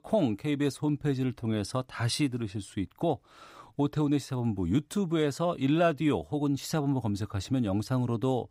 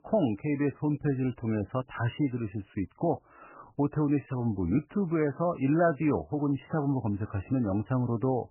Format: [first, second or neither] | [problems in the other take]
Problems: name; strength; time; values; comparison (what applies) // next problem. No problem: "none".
first | garbled, watery; badly; nothing above 3 kHz